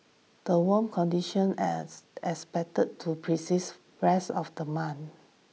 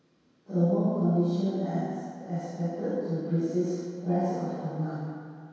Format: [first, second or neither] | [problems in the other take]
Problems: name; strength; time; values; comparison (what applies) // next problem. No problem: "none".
first | room echo; dies away in 2 s